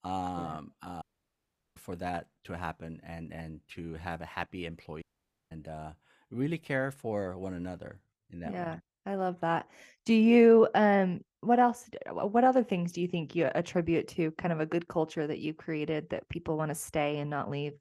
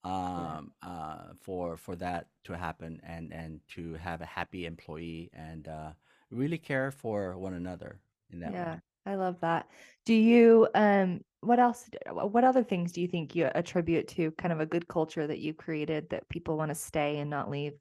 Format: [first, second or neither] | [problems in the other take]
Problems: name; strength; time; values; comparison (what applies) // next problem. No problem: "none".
second | audio cutting out; at 1 s for 0.5 s and at 5 s